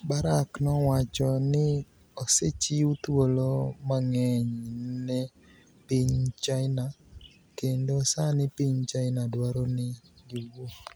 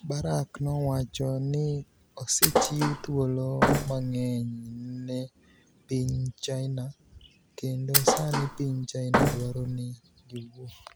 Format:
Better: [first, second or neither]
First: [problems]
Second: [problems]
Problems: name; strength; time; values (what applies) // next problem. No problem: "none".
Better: first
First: none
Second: background sound (Thump, thud); 3 dB above the speech